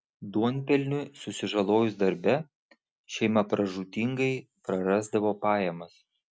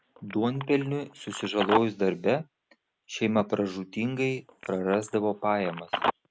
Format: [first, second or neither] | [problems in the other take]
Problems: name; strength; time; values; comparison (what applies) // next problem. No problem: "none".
first | background sound (Telephone); 8 dB below the speech